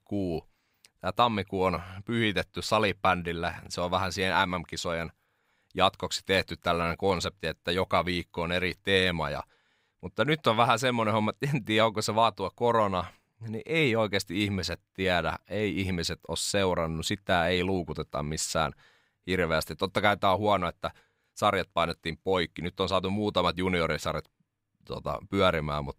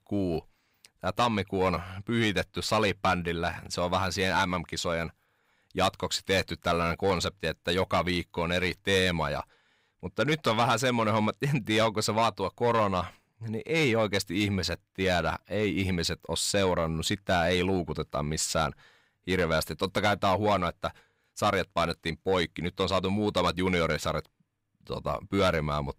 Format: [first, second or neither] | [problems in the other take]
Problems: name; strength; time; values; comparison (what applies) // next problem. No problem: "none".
first | distortion; slight; 10 dB below the speech